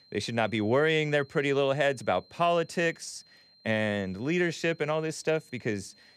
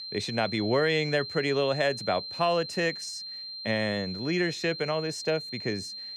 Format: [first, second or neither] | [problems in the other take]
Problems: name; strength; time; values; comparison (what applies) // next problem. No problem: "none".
first | high-pitched whine; loud; throughout; 4 kHz, 8 dB below the speech; faint in the first